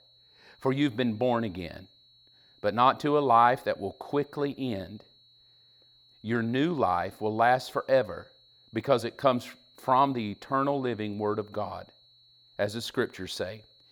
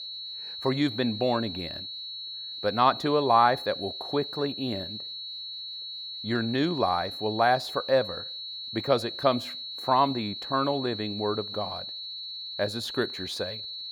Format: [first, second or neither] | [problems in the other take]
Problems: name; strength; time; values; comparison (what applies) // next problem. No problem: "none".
first | high-pitched whine; loud; throughout; 4 kHz, 7 dB below the speech; faint in the first